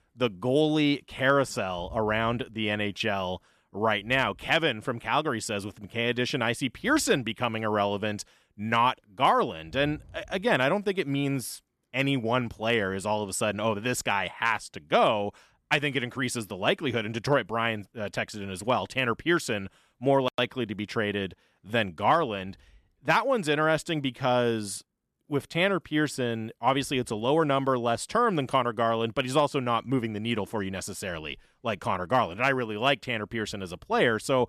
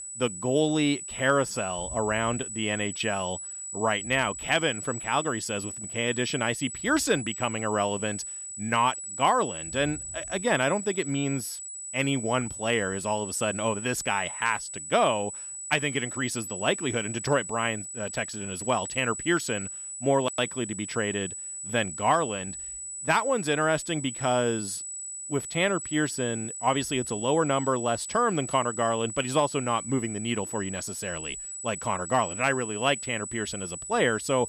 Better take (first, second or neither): first